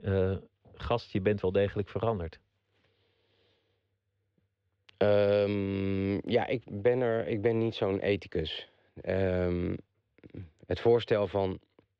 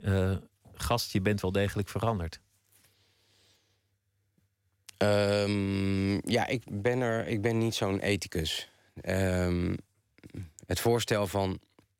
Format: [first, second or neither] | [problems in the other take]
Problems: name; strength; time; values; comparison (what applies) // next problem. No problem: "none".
second | muffled; very; fading above 3.5 kHz